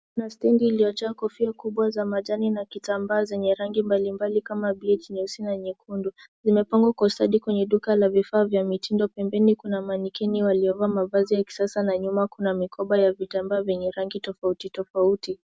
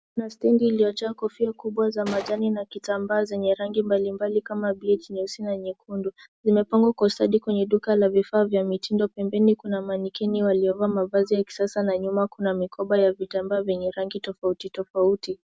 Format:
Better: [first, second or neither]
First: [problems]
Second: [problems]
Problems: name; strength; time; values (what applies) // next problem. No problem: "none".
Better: first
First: none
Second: background sound (Gunshot, gunfire); 11 dB below the speech